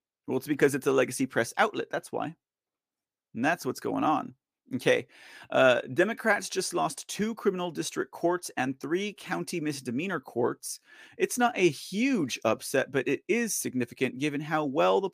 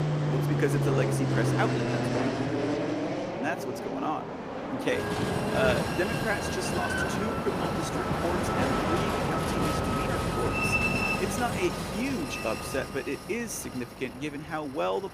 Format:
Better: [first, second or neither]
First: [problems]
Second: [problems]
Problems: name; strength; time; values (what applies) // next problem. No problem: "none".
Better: first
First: none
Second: train or aircraft noise; very loud; throughout; 4 dB above the speech